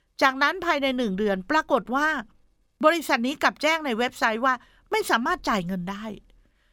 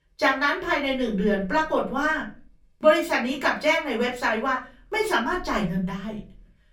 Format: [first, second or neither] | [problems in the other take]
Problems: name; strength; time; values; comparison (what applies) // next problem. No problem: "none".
first | off-mic speech; far // room echo; slight; dies away in 0.4 s